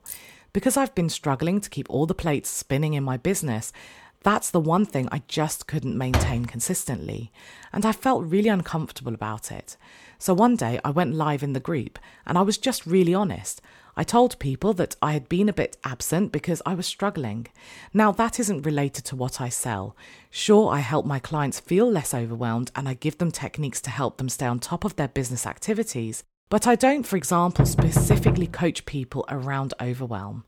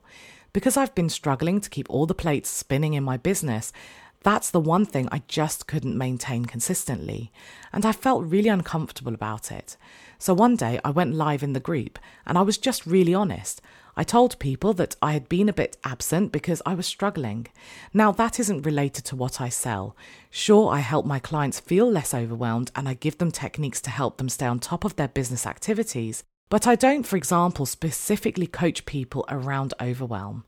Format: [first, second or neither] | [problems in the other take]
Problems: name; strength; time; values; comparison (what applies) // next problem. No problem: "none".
second | jangling keys; faint; at the start; peak 15 dB below the speech // door banging; noticeable; at 6 s; peak 1 dB below the speech // door banging; loud; at 28 s; peak 4 dB above the speech